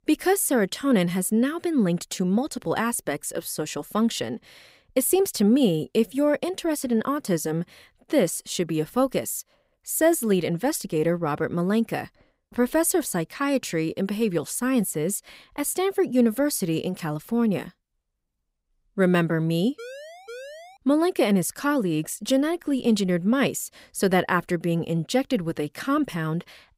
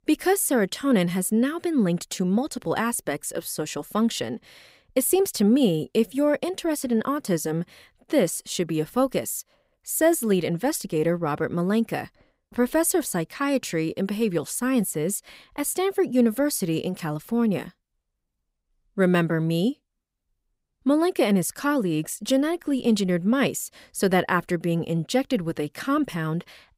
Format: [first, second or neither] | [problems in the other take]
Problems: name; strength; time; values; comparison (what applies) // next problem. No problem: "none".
second | siren; faint; at 20 s; peak 15 dB below the speech